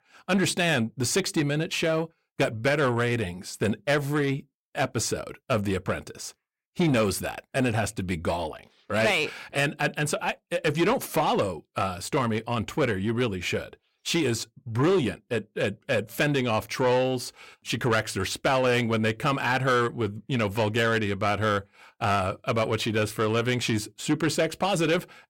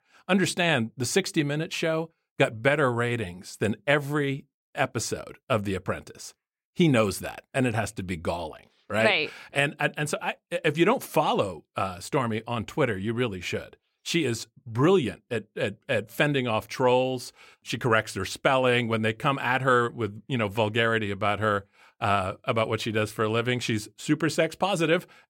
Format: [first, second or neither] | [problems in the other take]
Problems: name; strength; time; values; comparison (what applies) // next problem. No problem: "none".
second | distortion; slight; 10 dB below the speech